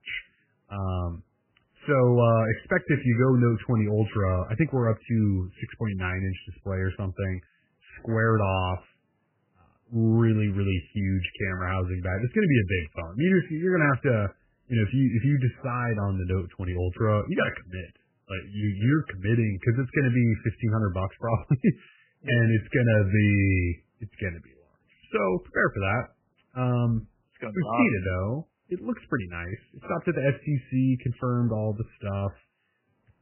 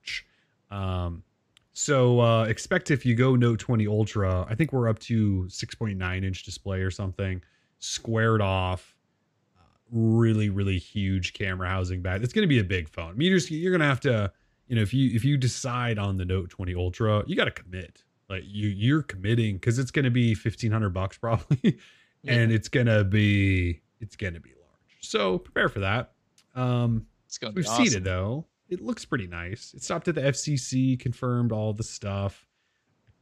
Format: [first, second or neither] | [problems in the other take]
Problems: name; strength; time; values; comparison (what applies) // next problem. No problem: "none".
second | garbled, watery; badly; nothing above 3 kHz